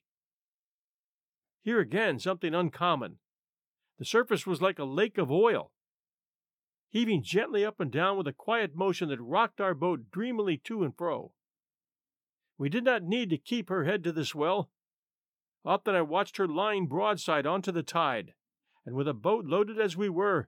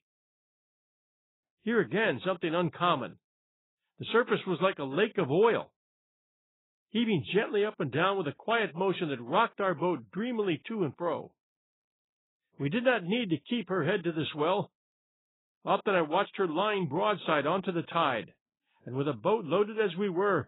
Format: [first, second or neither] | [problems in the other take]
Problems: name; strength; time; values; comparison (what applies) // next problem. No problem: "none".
first | garbled, watery; badly; nothing above 4 kHz